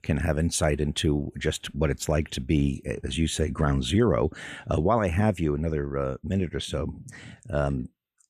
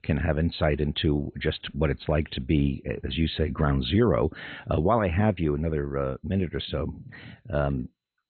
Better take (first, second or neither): first